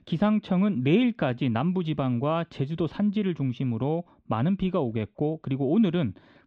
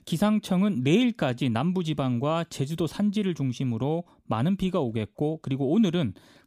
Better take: second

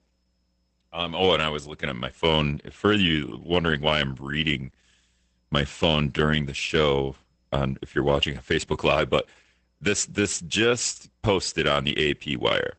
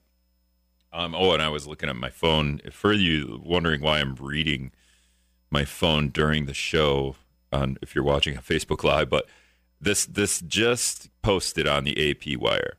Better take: second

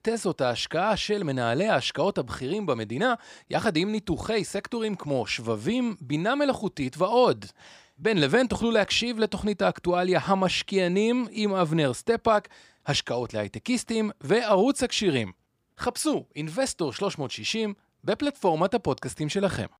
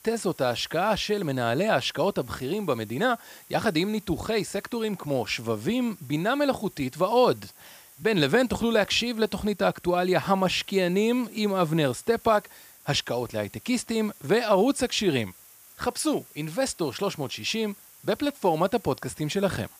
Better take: first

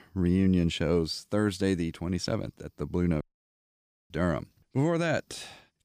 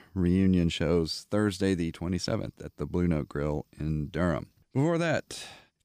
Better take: second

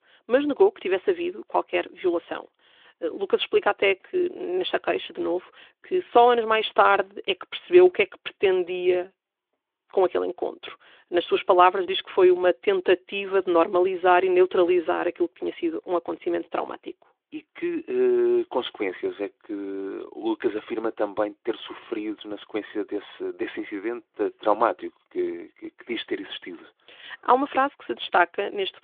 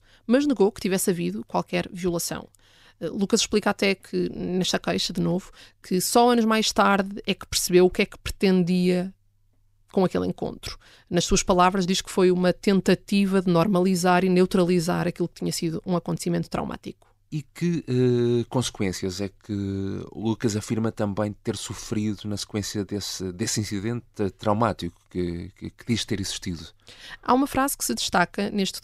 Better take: second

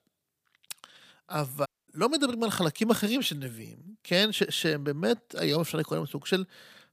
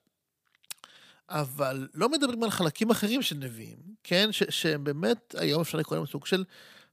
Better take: second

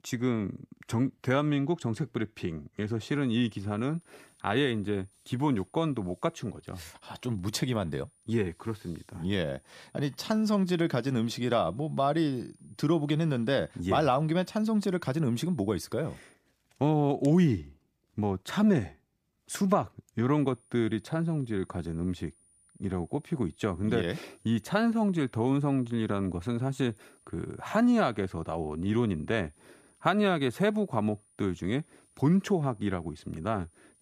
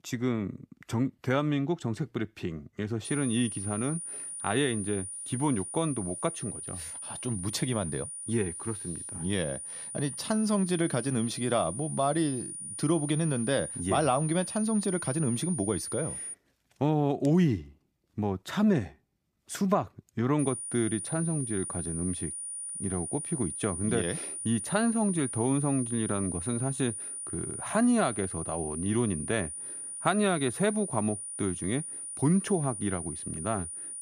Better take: first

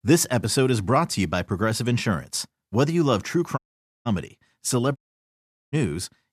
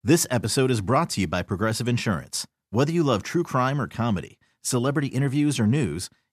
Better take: second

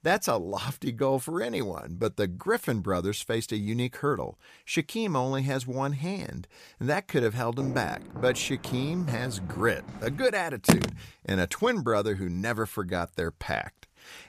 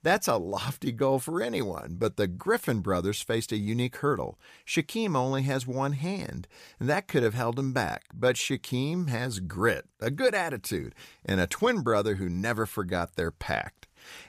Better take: second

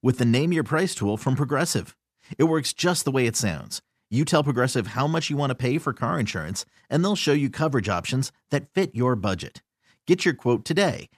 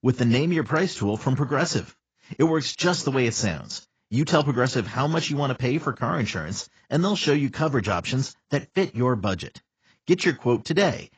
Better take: first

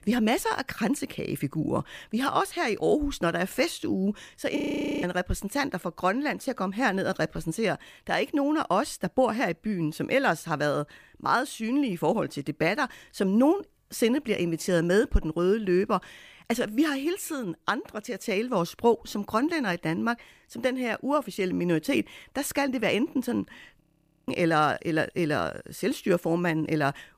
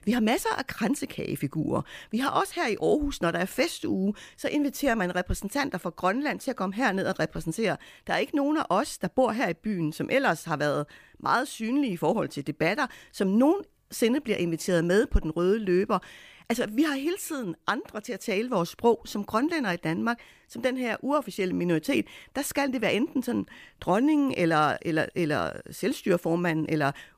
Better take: second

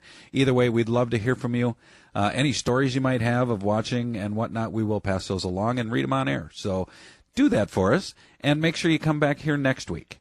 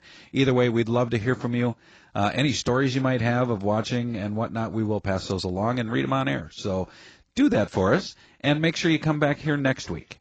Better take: first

